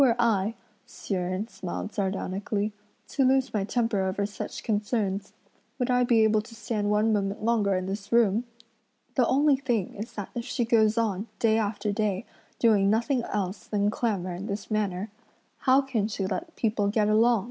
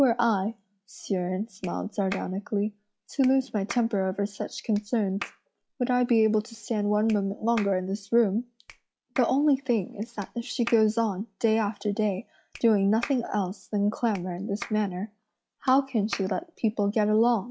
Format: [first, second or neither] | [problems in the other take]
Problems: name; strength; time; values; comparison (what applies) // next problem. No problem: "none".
first | noise reduction (classical method log-MMSE)